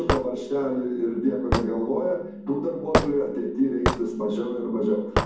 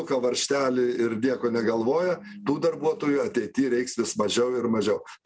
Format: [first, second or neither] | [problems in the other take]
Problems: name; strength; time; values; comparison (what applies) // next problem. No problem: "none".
second | background sound (Hammer / Wood); 4 dB below the speech // room echo; dies away in 1.2 s